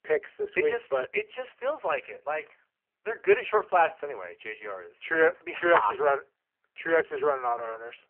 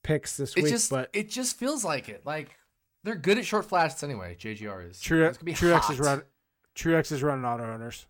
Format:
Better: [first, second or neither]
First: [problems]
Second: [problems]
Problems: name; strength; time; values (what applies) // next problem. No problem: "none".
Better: second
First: phone-call audio; poor line; nothing above 3 kHz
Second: none